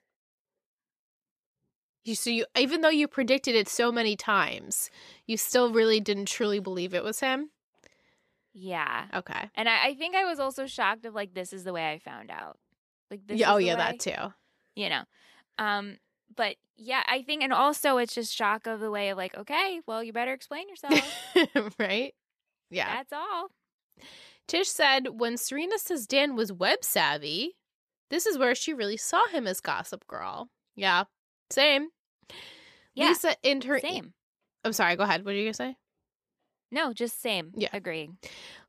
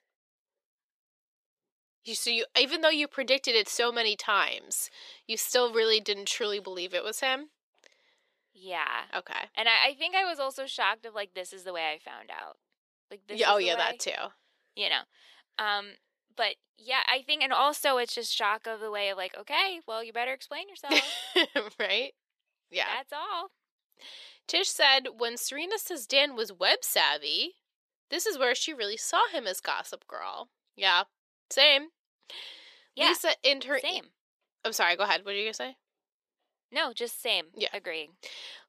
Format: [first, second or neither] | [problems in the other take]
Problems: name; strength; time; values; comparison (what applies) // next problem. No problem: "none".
first | thin; somewhat; fading below 500 Hz